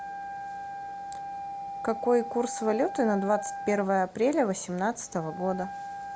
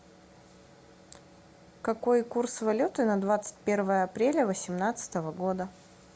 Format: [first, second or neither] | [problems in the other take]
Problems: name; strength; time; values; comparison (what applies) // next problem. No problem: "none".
second | background sound (Wind instrument, woodwind instrument); 9 dB below the speech